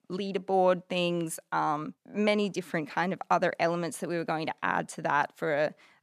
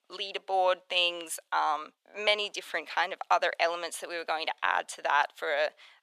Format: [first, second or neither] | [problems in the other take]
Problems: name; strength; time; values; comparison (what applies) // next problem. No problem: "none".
first | thin; very; fading below 550 Hz